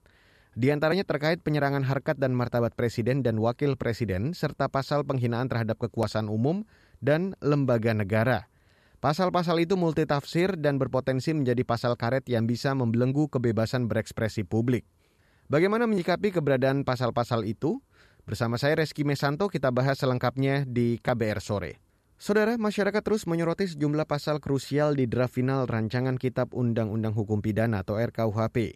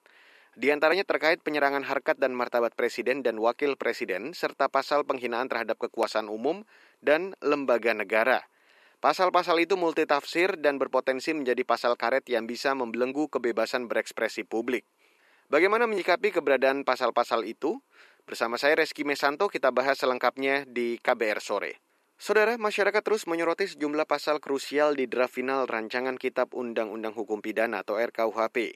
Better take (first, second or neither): first